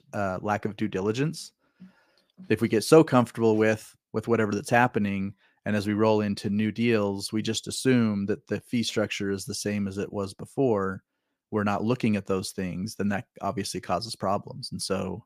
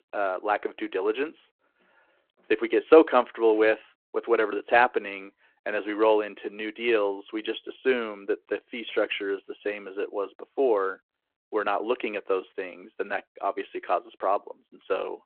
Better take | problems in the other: first | phone-call audio

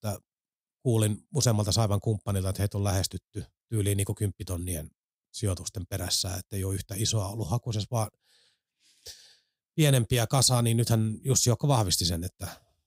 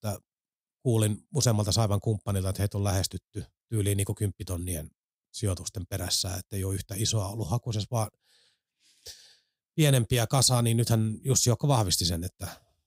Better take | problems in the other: neither | none

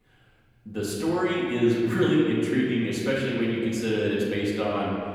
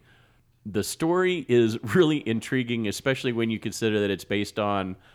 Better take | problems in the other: second | off-mic speech; far // room echo; noticeable; dies away in 2 s

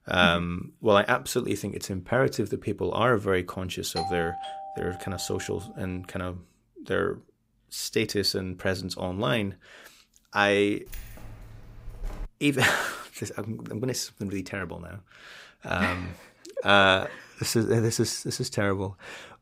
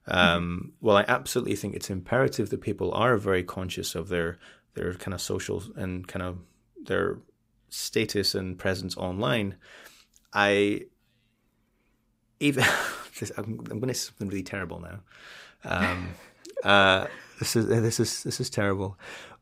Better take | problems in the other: second | doorbell; noticeable; from 4 to 5.5 s; peak 6 dB below the speech // jangling keys; faint; from 11 to 12 s; peak 15 dB below the speech

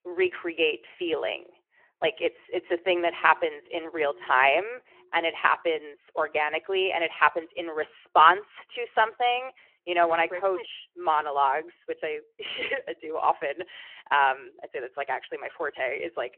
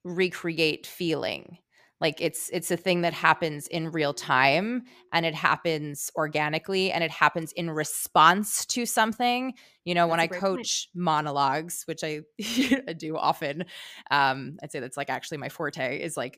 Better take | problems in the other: second | phone-call audio

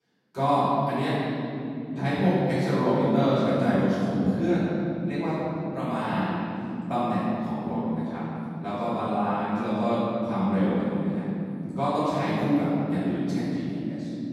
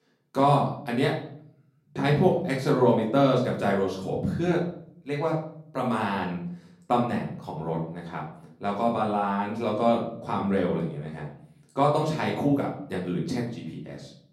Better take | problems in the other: second | room echo; strong; dies away in 3 s; slight in the second // off-mic speech; far; far in the second

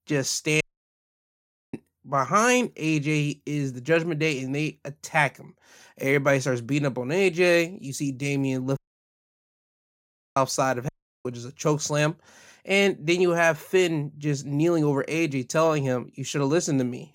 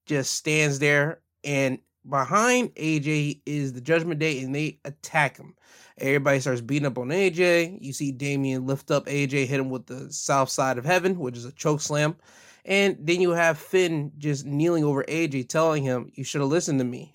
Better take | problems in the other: second | audio cutting out; at 0.5 s for 1 s, at 9 s for 1.5 s and at 11 s

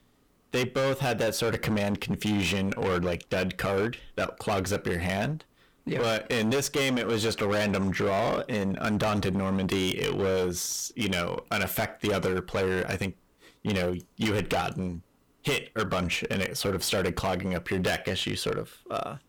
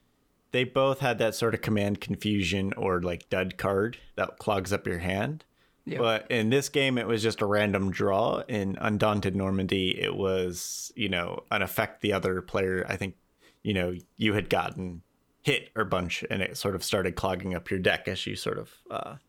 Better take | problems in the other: second | distortion; heavy; 18% of the sound clipped

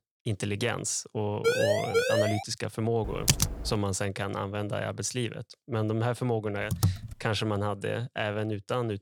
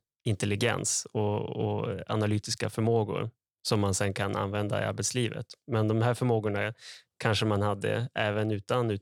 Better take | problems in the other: second | siren; loud; at 1.5 s; peak 6 dB above the speech // keyboard typing; loud; at 3 s and at 6.5 s; peak 6 dB above the speech

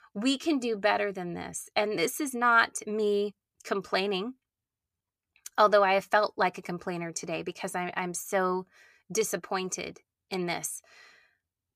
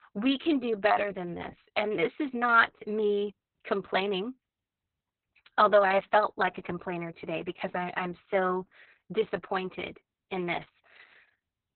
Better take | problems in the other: first | garbled, watery; badly; nothing above 4 kHz

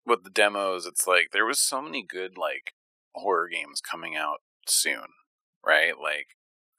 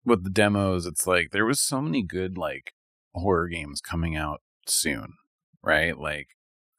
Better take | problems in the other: second | thin; very; fading below 450 Hz

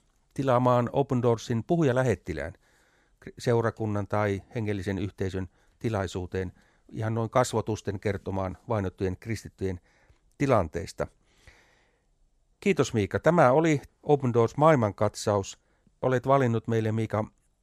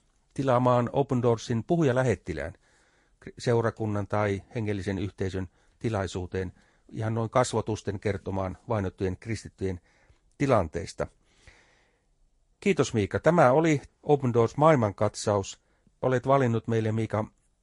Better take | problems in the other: first | garbled, watery; slightly; nothing above 10.5 kHz

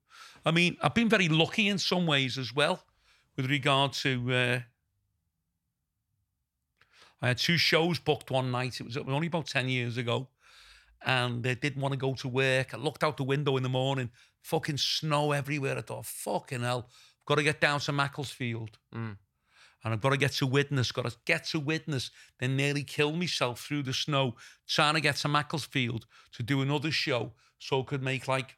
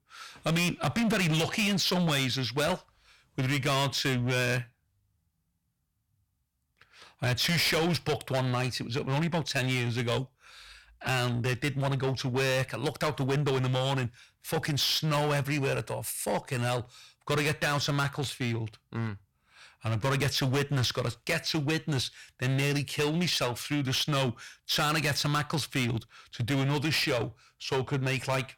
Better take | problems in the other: first | distortion; heavy; 16% of the sound clipped

